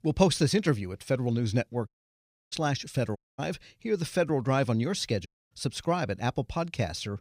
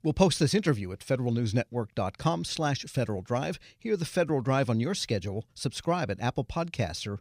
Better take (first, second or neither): second